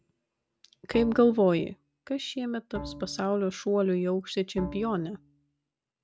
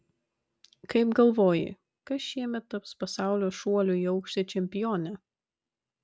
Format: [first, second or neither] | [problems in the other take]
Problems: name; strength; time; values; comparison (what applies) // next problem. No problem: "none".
second | background sound (Bowed string instrument); 16 dB below the speech